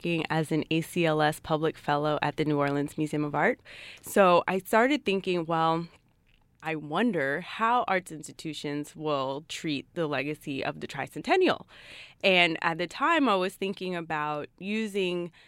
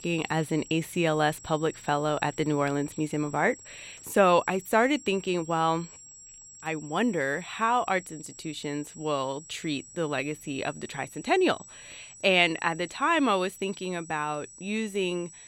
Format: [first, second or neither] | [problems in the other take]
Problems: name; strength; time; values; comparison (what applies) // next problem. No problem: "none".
first | high-pitched whine; noticeable; throughout; 7.5 kHz, 20 dB below the speech